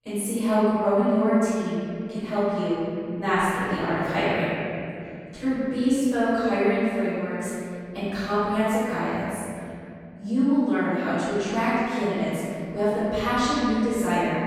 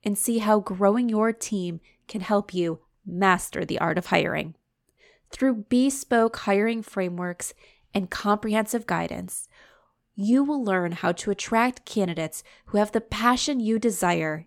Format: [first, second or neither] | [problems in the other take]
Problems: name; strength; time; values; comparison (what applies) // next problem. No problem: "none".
second | room echo; strong; dies away in 2.8 s // off-mic speech; far